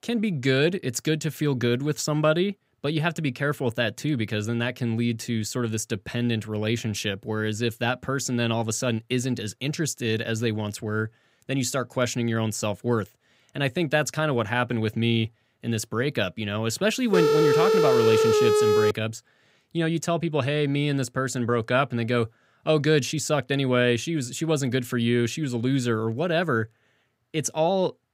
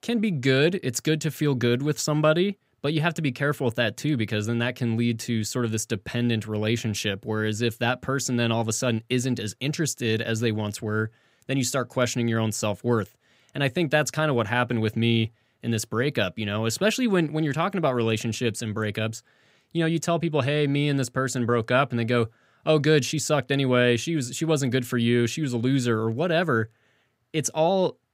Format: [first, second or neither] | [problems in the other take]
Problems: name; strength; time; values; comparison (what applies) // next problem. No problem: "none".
second | phone ringing; loud; from 17 to 19 s; peak 6 dB above the speech